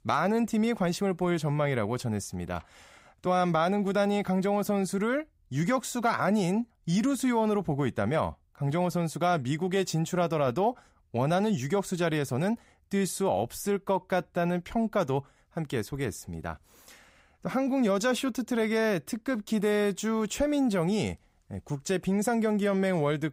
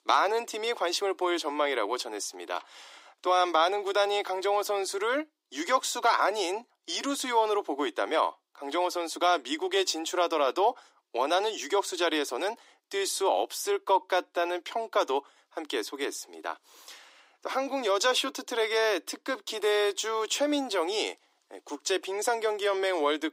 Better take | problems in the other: first | thin; very; fading below 300 Hz

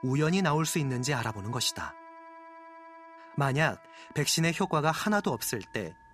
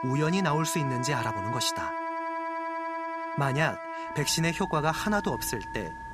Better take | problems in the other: first | background music; loud; throughout; 6 dB below the speech; faint in the first

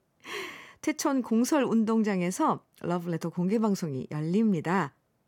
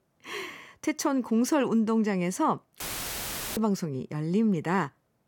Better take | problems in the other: first | audio cutting out; filled with static; at 3 s for 1 s

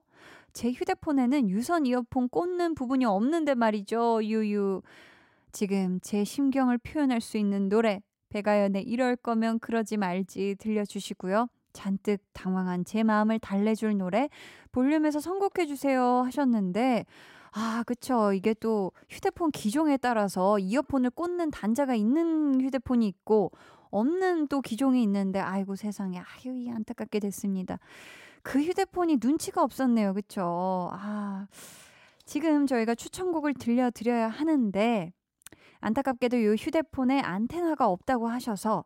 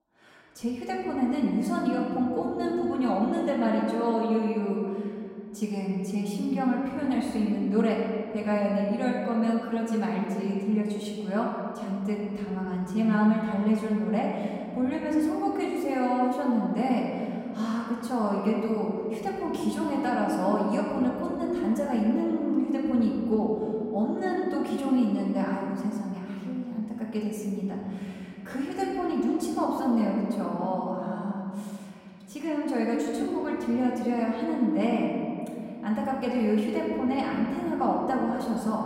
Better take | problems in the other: first | off-mic speech; far // room echo; noticeable; dies away in 2.7 s

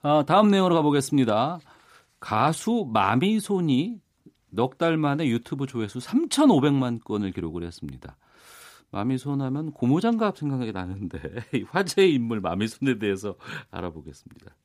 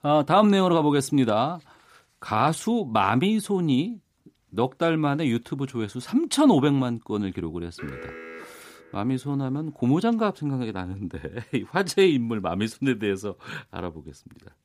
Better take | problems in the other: first | alarm; faint; from 8 to 9 s; peak 15 dB below the speech

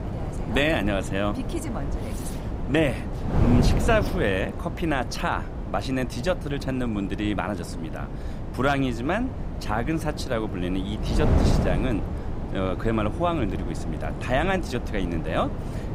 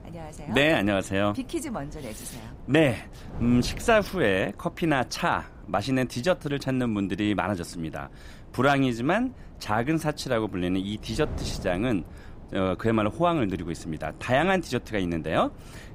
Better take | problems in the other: second | wind noise on the microphone; heavy; 9 dB below the speech; occasional gusts in the second

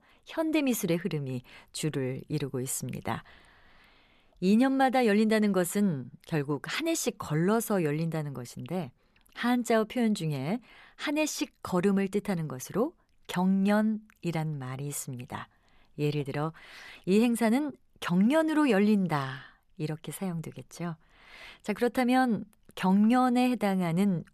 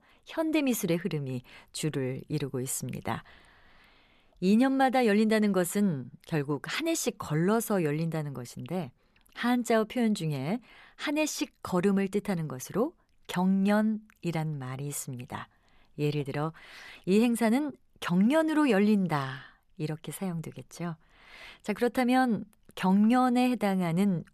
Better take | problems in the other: neither | none

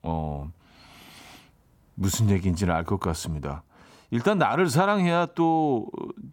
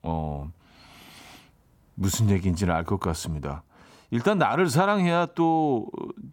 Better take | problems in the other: neither | none

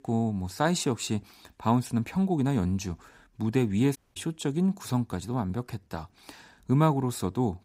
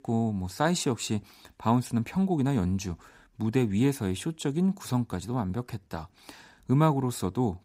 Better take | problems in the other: second | audio cutting out; at 4 s

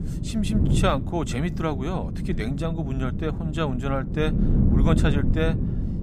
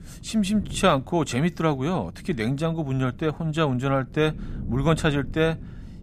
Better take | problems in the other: second | wind noise on the microphone; heavy; 6 dB below the speech; occasional gusts in the second

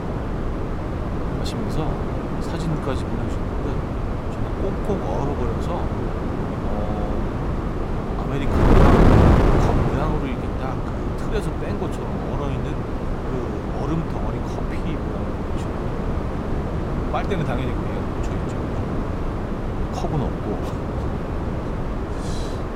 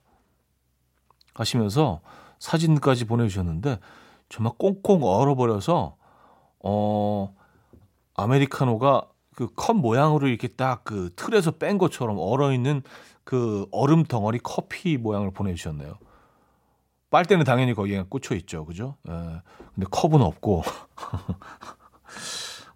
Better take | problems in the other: second | wind noise on the microphone; heavy; 4 dB above the speech

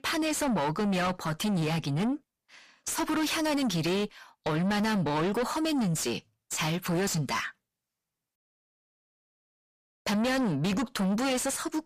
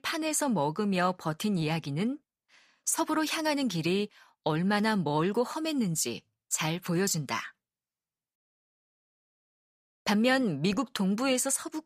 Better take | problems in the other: second | distortion; heavy; 6 dB below the speech

